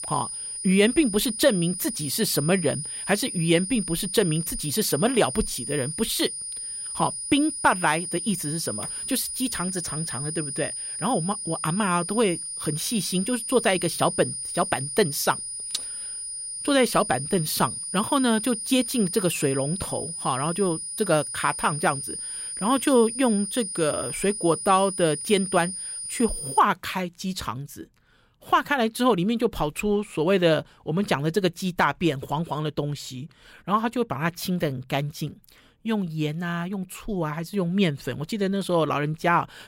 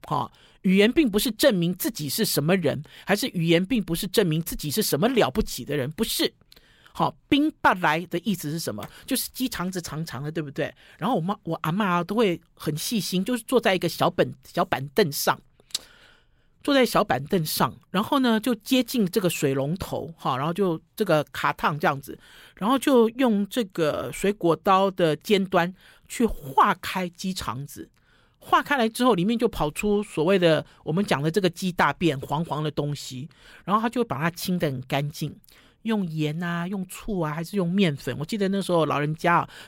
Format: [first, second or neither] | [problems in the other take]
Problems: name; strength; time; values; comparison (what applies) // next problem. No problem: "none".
second | high-pitched whine; loud; until 27 s; 9.5 kHz, 5 dB below the speech